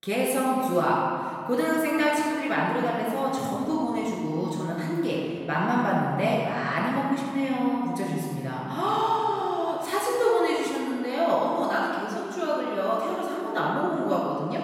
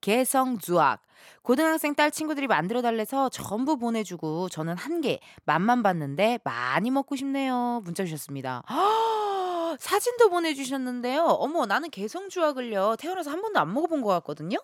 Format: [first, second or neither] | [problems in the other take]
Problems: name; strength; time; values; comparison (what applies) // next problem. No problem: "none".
second | off-mic speech; far // room echo; strong; dies away in 2.2 s